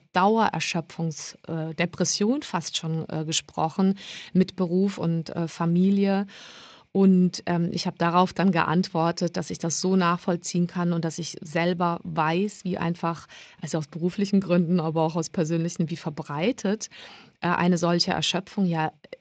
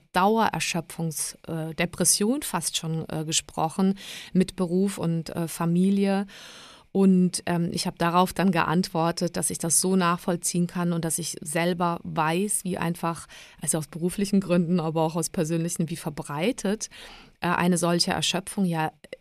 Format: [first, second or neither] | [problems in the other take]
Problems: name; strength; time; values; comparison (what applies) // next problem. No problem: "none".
second | garbled, watery; slightly; nothing above 7.5 kHz